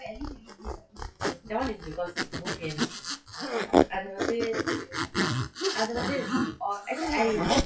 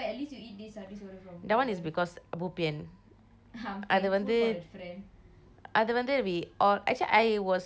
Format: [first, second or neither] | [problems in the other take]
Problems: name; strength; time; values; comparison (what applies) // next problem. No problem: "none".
second | noise reduction (classical method WPE with log-MMSE)